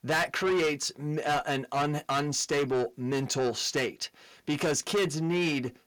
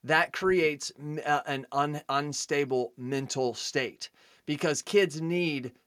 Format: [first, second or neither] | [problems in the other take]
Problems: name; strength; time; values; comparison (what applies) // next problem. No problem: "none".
second | distortion; heavy; 7 dB below the speech